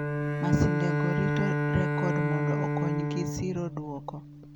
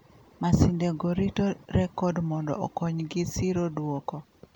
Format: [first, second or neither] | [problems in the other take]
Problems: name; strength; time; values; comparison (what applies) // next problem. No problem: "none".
second | background sound (Bowed string instrument); 3 dB above the speech